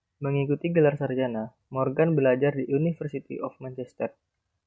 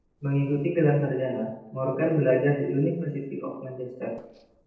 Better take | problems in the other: first | noise reduction (neural separator model SepFormer DNS4)

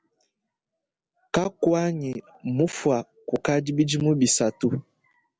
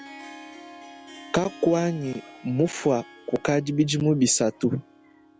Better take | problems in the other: first | background sound (Harp); 20 dB below the speech

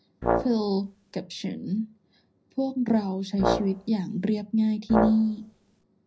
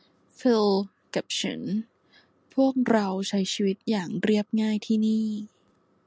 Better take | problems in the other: second | background sound (Brass instrument); 2 dB below the speech // room echo; dies away in 0.5 s

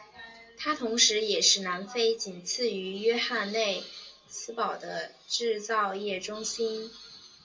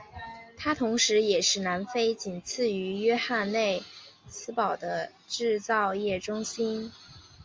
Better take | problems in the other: second | room echo; dies away in 0.2 s

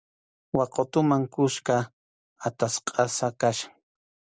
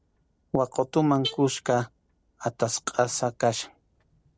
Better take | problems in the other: first | noise reduction (neural separator model SepFormer DNS4)

